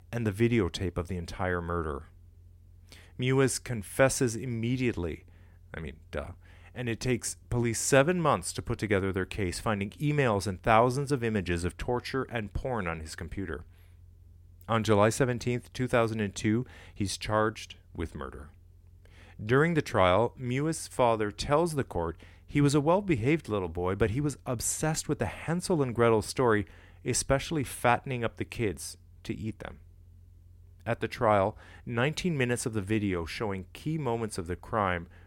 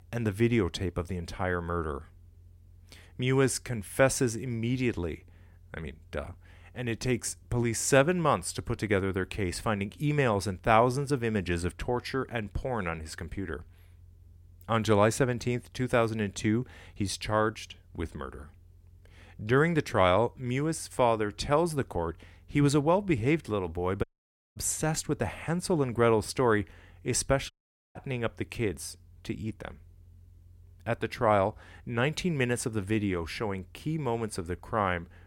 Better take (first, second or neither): first